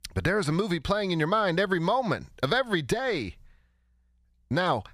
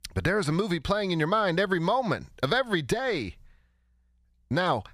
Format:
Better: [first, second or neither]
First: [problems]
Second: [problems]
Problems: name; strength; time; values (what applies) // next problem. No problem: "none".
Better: neither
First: none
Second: none